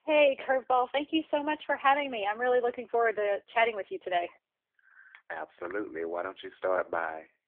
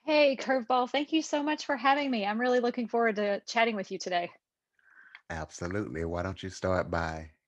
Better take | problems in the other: second | phone-call audio; poor line; nothing above 3 kHz

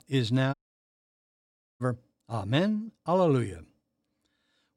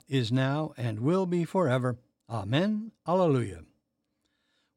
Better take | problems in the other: second | audio cutting out; at 0.5 s for 1.5 s

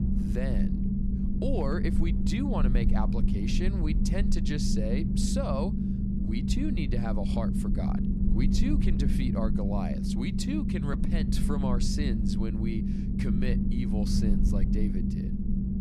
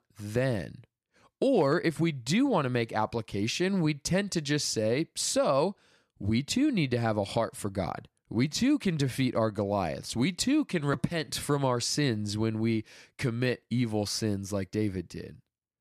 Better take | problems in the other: second | low rumble; loud; throughout; as loud as the speech

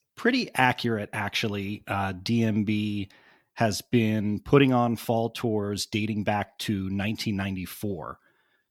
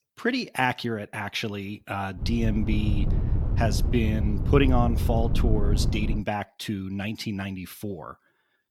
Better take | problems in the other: first | wind noise on the microphone; heavy; from 2 to 6 s; 9 dB below the speech

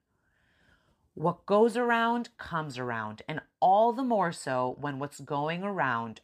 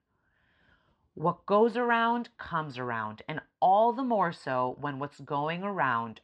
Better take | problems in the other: first | muffled; very slightly; fading above 3.5 kHz

